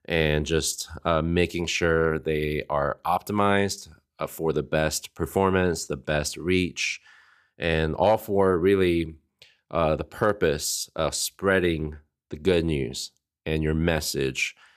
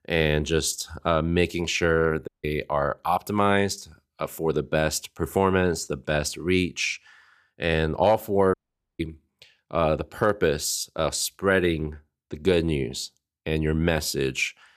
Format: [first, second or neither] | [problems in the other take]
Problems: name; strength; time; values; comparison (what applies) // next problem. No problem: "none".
first | audio cutting out; at 2.5 s and at 8.5 s